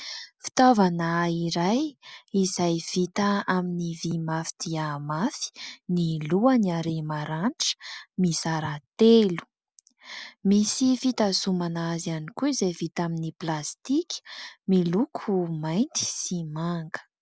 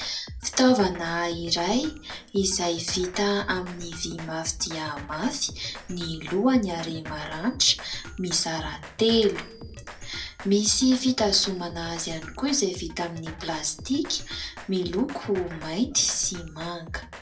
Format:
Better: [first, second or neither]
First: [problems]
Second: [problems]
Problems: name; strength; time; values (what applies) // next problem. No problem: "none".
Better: first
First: none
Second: background sound (Drum kit); 14 dB below the speech // room echo; dies away in 0.2 s